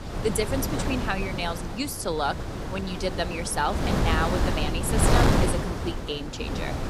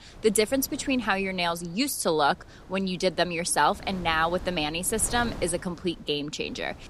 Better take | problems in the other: second | wind noise on the microphone; heavy; 1 dB below the speech; occasional gusts in the second

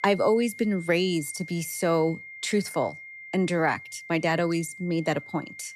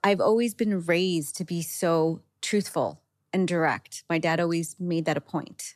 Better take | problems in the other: second | high-pitched whine; noticeable; throughout; 2 kHz, 15 dB below the speech

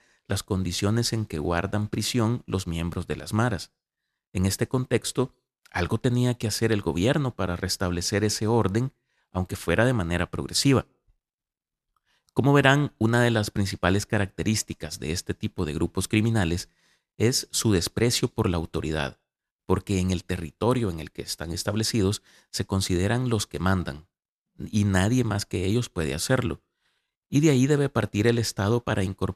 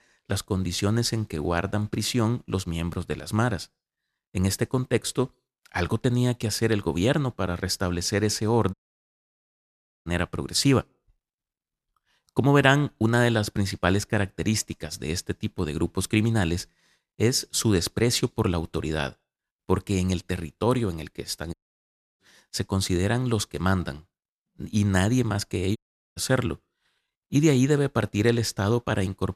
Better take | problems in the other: first | audio cutting out; at 8.5 s for 1.5 s, at 22 s for 0.5 s and at 26 s

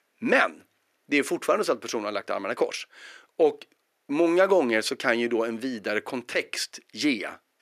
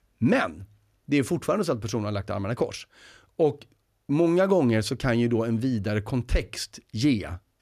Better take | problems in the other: second | thin; somewhat; fading below 300 Hz

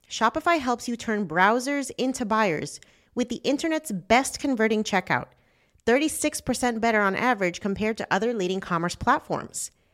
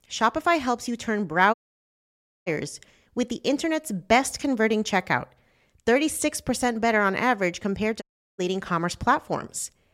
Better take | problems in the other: first | audio cutting out; at 1.5 s for 1 s and at 8 s

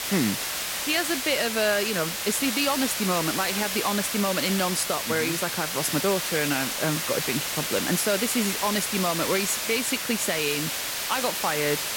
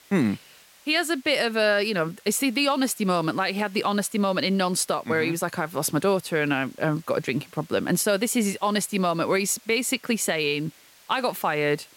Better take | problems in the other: second | hiss; loud; throughout; 1 dB below the speech; faint in the second

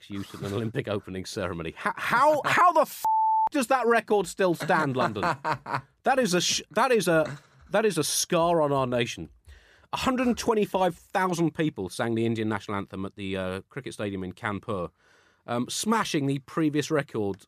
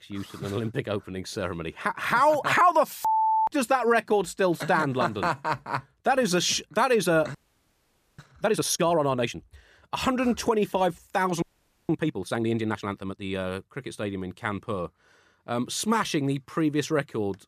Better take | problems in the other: first | audio freezing; at 7.5 s for 1 s and at 11 s

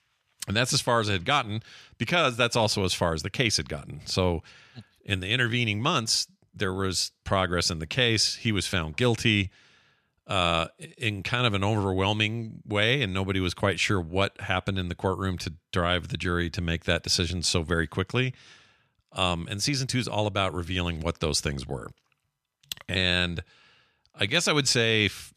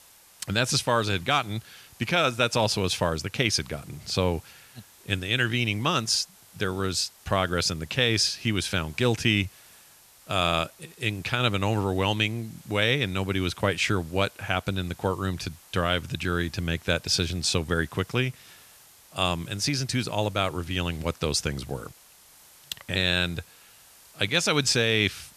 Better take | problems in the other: first | hiss; faint; throughout; 25 dB below the speech

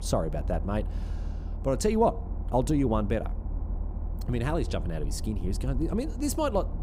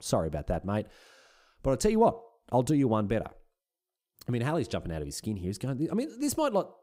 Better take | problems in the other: second | low rumble; noticeable; throughout; 20 dB below the speech

